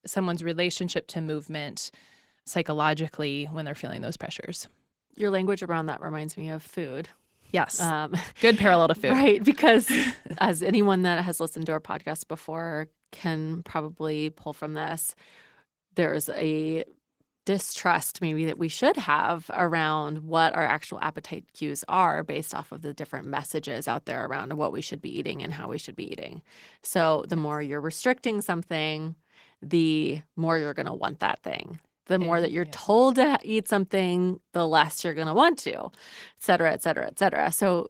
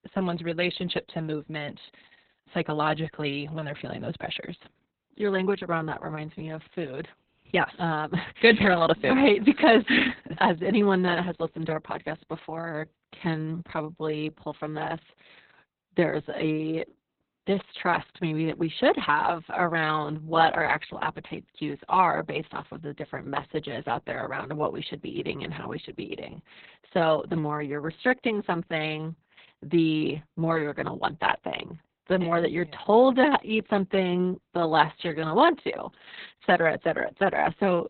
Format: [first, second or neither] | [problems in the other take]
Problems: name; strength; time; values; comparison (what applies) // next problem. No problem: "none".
first | garbled, watery; badly; nothing above 4 kHz; slightly in the first